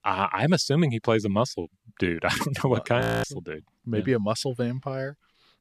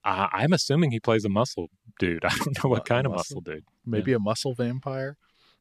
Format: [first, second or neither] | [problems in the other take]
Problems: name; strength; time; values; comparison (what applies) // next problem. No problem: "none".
second | audio freezing; at 3 s